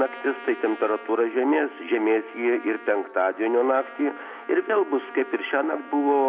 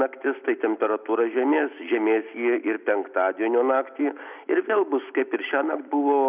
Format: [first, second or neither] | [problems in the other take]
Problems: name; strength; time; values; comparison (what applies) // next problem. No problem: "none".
second | background sound (Trumpet); 18 dB below the speech